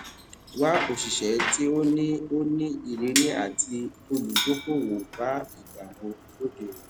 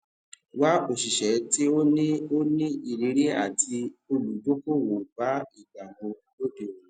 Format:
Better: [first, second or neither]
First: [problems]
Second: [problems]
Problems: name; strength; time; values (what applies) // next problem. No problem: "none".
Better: second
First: background sound (Bicycle); 7 dB below the speech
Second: none